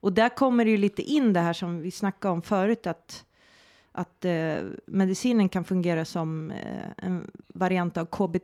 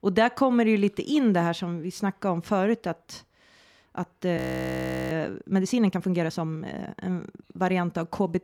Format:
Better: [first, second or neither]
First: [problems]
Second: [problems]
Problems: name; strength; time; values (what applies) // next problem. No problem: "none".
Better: first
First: none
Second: audio freezing; at 4.5 s for 0.5 s